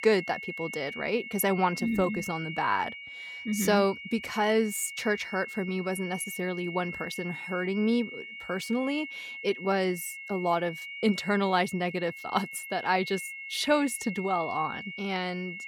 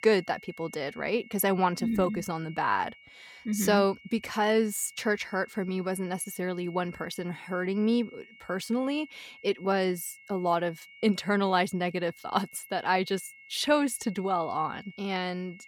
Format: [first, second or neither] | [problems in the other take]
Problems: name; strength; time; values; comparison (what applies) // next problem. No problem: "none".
second | high-pitched whine; loud; throughout; 2 kHz, 9 dB below the speech; faint in the second